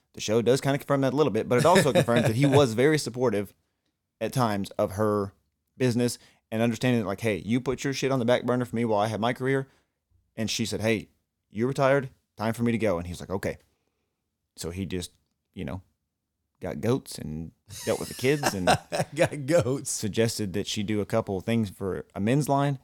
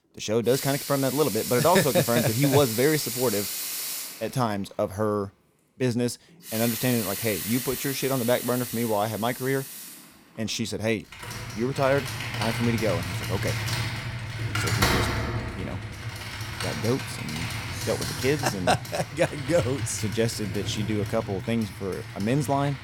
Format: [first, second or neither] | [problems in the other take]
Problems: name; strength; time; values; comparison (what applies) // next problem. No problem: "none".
first | household noises; loud; throughout; 4 dB below the speech